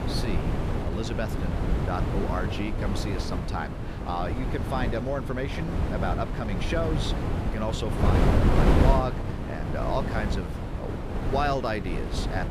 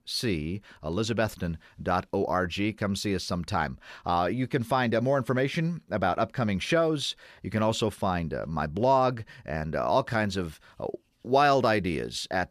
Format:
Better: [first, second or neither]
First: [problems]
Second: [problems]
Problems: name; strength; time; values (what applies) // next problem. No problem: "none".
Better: second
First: wind noise on the microphone; heavy; 2 dB below the speech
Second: none